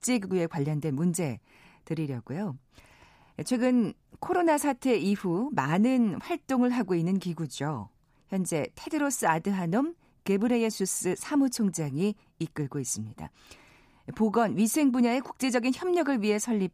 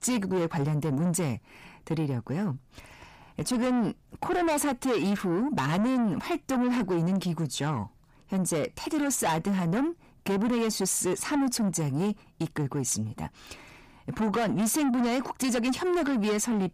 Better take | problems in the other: first | distortion; heavy; 7 dB below the speech

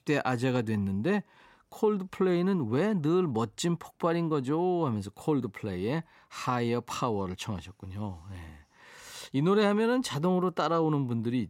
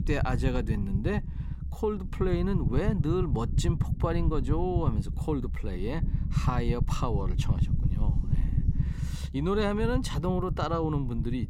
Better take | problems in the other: first | low rumble; noticeable; throughout; 10 dB below the speech

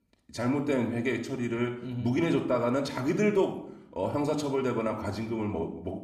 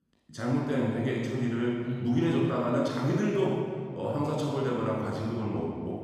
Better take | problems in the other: first | room echo; strong; dies away in 2 s; slight in the first // off-mic speech; far; somewhat distant in the first

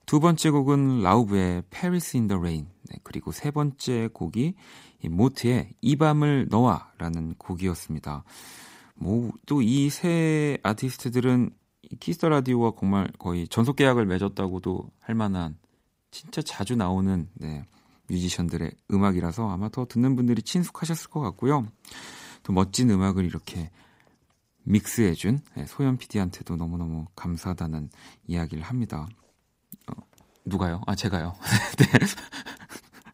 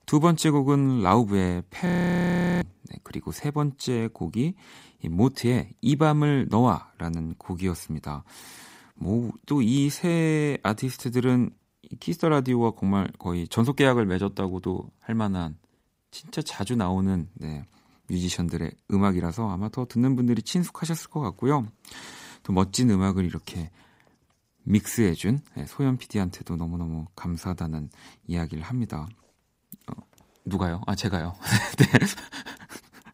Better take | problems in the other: first | audio freezing; at 2 s for 0.5 s

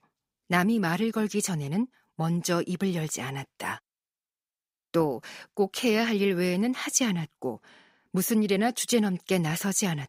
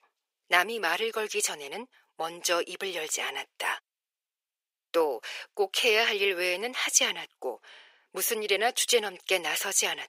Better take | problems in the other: first | thin; very; fading below 450 Hz

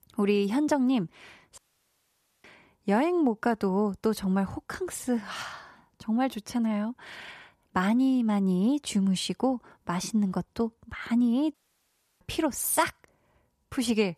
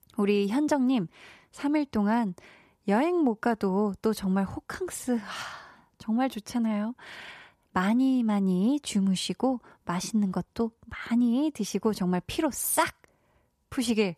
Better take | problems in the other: second | audio cutting out; at 1.5 s for 1 s and at 12 s for 0.5 s

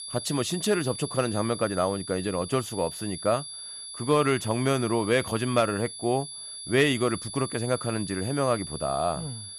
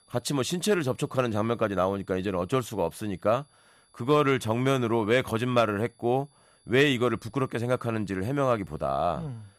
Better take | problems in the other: second | high-pitched whine; loud; throughout; 10 kHz, 9 dB below the speech; faint in the second

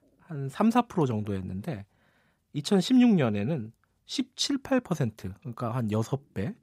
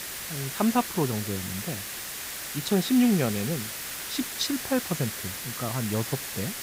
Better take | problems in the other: first | hiss; loud; throughout; 5 dB below the speech

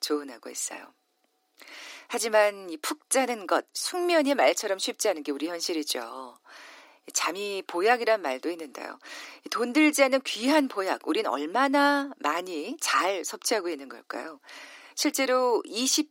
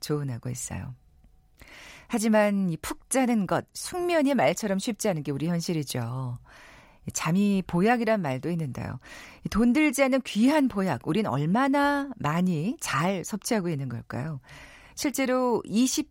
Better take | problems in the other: second | thin; somewhat; fading below 300 Hz

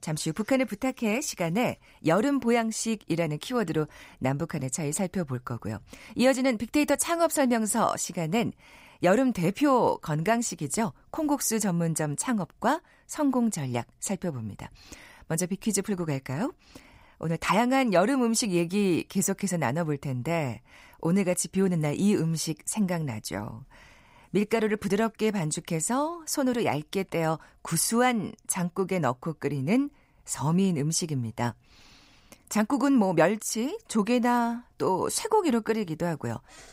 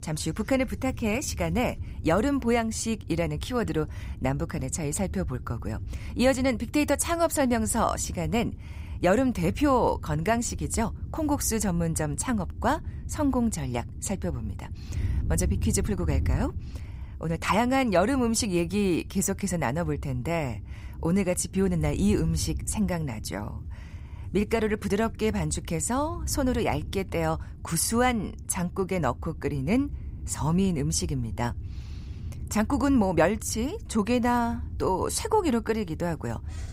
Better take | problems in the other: first | wind noise on the microphone; occasional gusts; 25 dB below the speech

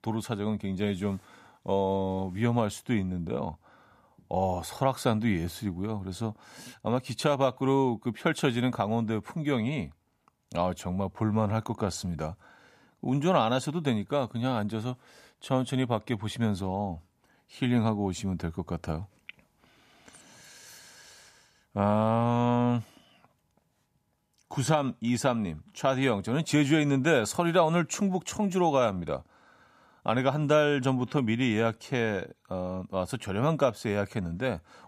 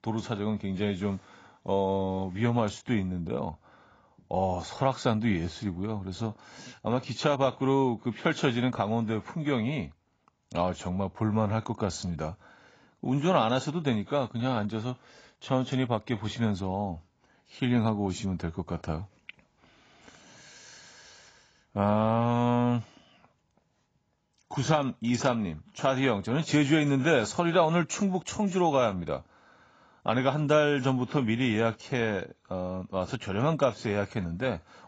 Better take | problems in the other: first | garbled, watery; badly; nothing above 7.5 kHz

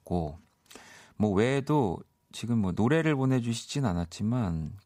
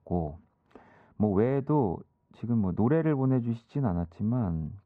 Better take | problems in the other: first | muffled; very; fading above 3 kHz

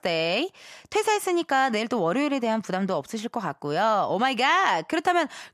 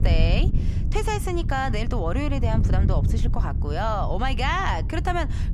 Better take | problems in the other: first | wind noise on the microphone; occasional gusts; 10 dB below the speech

